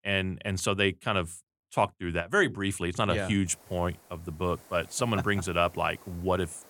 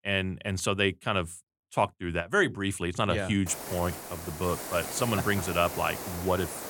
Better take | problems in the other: first | hiss; loud; from 3.5 s on; 8 dB below the speech; faint in the first

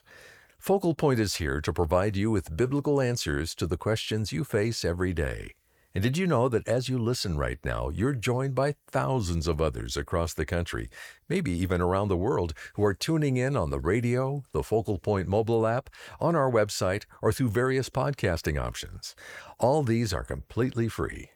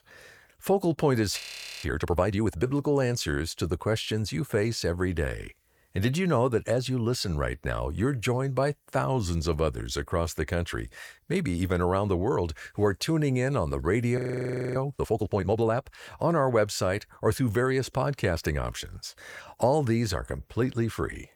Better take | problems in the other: first | audio freezing; at 1.5 s and at 14 s for 0.5 s

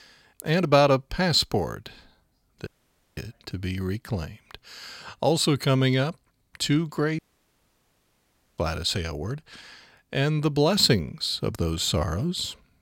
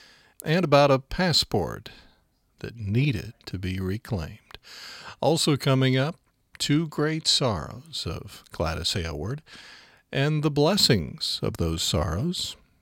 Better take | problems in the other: second | audio cutting out; at 2.5 s for 0.5 s and at 7 s for 1.5 s

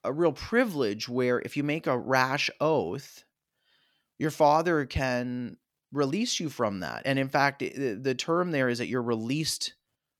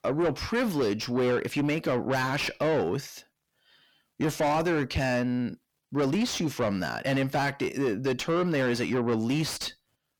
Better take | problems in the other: first | distortion; heavy; 6 dB below the speech

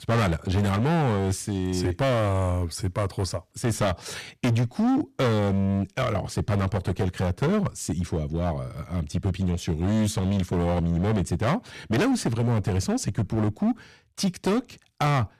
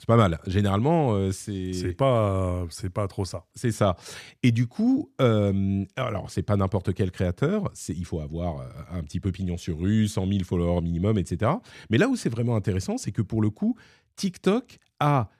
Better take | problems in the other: second | distortion; heavy; 17% of the sound clipped

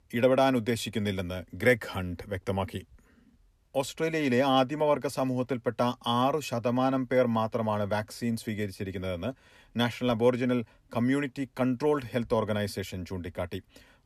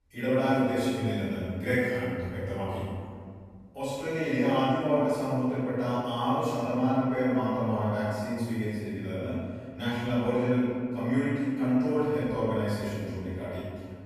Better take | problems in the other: first | room echo; strong; dies away in 1.9 s // off-mic speech; far

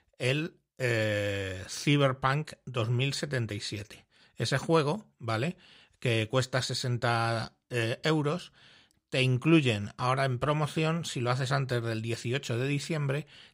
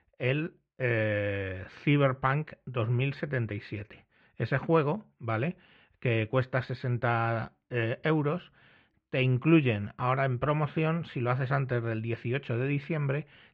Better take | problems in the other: first | muffled; very; fading above 2.5 kHz

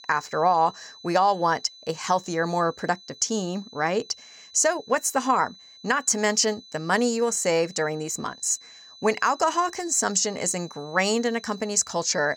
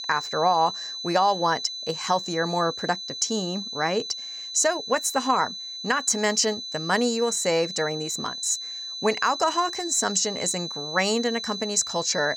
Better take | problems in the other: first | high-pitched whine; loud; throughout; 4 kHz, 7 dB below the speech; faint in the first

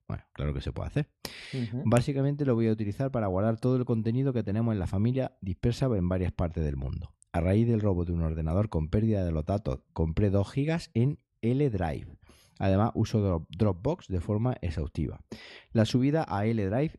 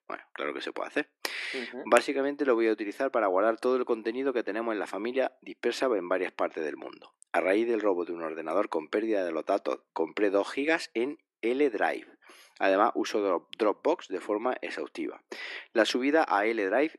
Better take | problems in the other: first | thin; very; fading below 300 Hz

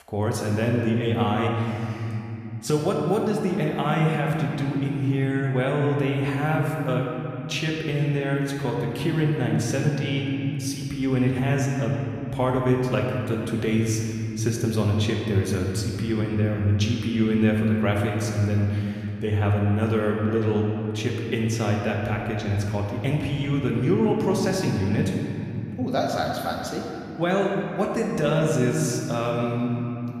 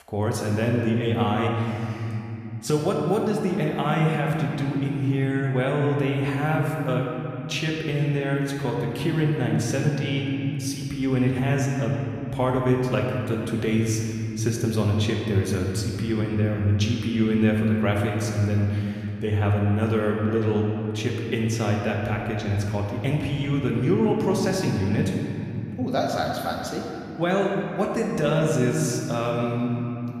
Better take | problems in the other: neither | room echo; noticeable; dies away in 3 s; the same in both // off-mic speech; somewhat distant; the same in both

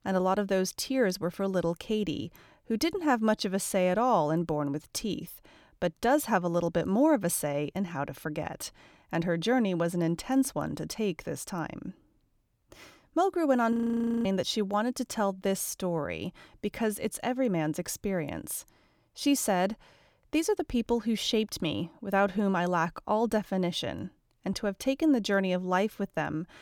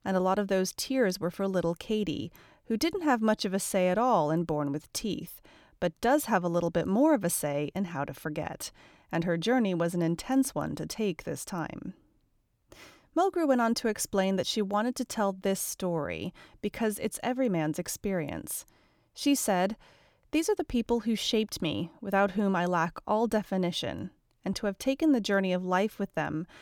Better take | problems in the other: second | audio freezing; at 14 s for 0.5 s

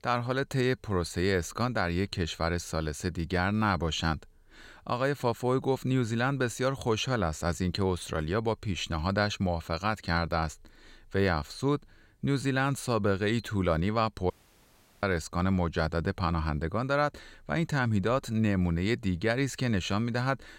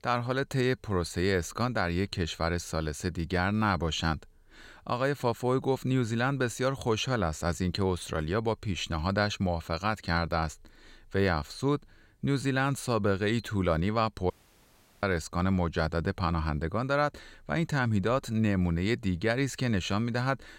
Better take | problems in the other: neither | audio cutting out; at 14 s for 0.5 s; the same in both

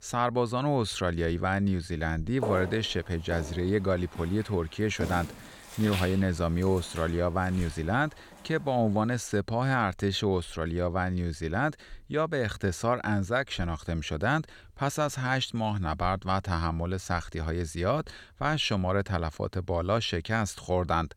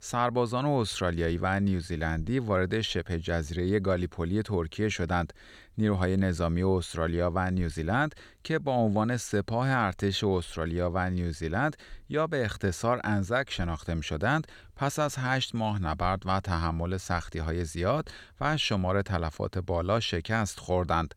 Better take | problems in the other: second | footsteps; noticeable; from 2.5 to 7 s; peak 5 dB below the speech

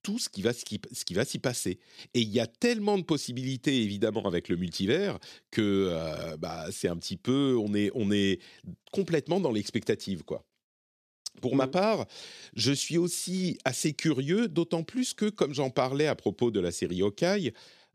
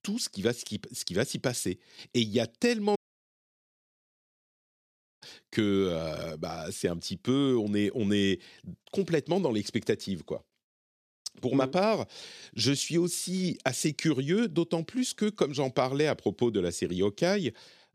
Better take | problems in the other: first | audio cutting out; at 3 s for 2.5 s

